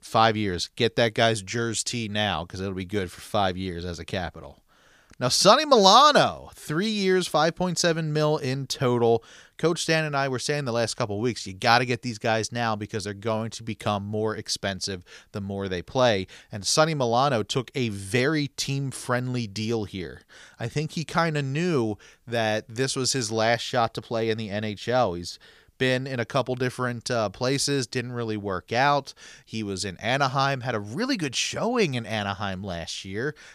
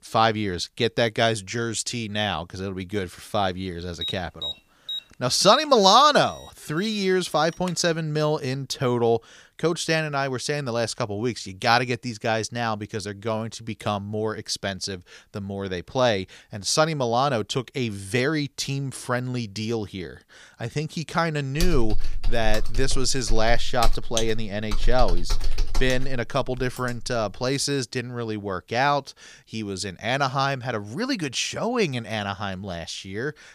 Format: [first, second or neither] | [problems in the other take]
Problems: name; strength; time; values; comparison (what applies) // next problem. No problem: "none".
first | alarm; noticeable; from 4 to 8 s; peak 6 dB below the speech // keyboard typing; noticeable; from 22 to 26 s; peak 2 dB below the speech